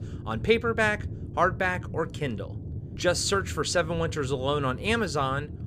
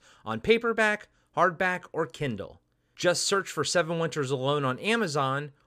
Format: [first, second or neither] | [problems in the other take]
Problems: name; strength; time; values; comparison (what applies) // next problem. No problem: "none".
second | low rumble; faint; throughout; 20 dB below the speech